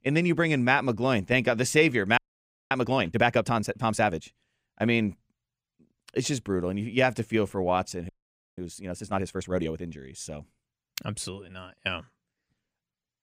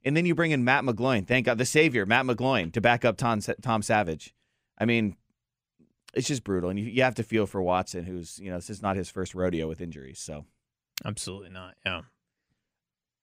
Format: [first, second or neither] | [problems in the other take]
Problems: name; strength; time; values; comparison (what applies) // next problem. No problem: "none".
second | audio freezing; at 2 s for 0.5 s and at 8 s